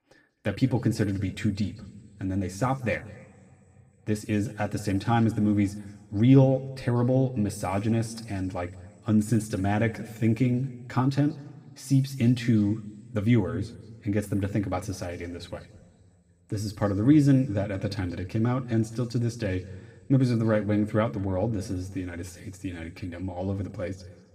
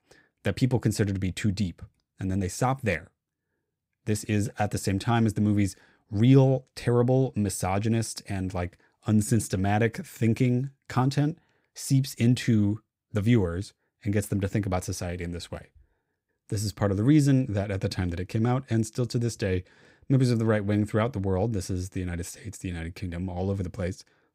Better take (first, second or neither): second